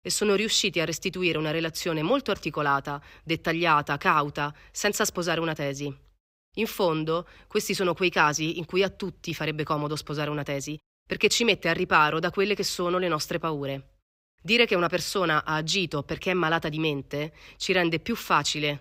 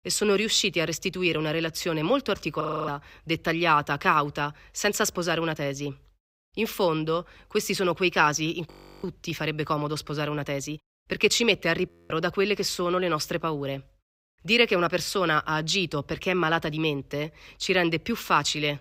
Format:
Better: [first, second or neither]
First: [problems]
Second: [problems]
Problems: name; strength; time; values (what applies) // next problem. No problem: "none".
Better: first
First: none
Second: audio freezing; at 2.5 s, at 8.5 s and at 12 s